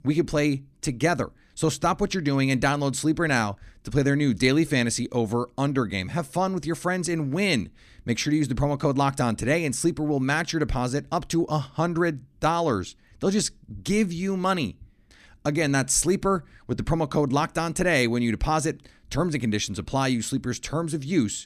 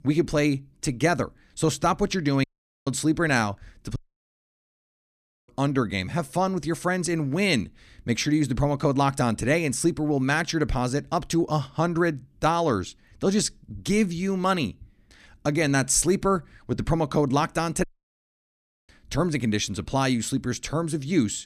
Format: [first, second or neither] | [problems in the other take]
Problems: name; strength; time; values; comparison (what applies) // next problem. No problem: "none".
first | audio cutting out; at 2.5 s, at 4 s for 1.5 s and at 18 s for 1 s